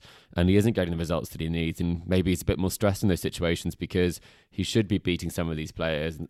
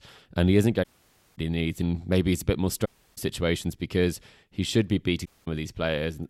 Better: first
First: none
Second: audio cutting out; at 1 s for 0.5 s, at 3 s and at 5.5 s

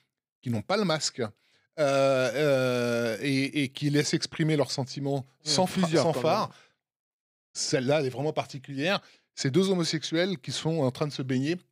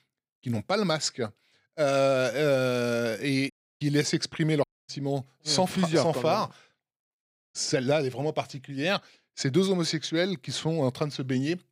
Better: first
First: none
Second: audio cutting out; at 3.5 s and at 4.5 s

